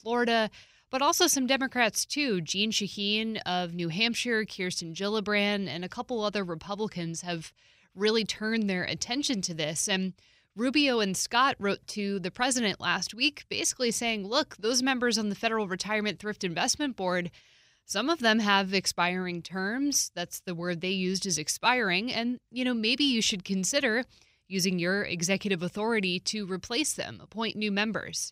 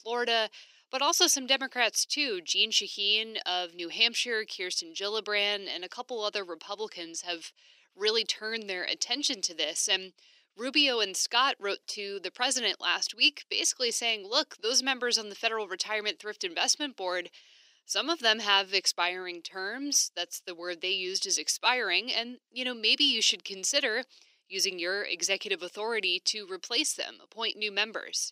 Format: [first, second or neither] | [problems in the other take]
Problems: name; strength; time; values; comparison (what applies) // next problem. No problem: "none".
first | thin; somewhat; fading below 300 Hz